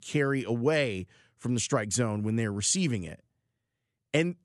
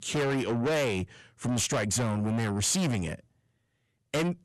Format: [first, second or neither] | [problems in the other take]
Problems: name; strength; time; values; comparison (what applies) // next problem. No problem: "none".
first | distortion; heavy; 5 dB below the speech